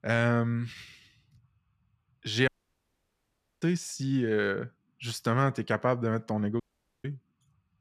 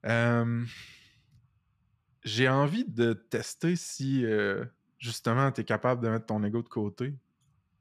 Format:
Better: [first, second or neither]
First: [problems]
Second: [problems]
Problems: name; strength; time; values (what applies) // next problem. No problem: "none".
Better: second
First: audio cutting out; at 2.5 s for 1 s and at 6.5 s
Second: none